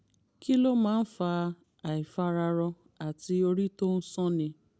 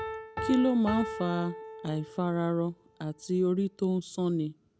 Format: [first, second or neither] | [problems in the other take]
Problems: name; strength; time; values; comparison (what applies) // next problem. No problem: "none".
first | background sound (Piano); 11 dB below the speech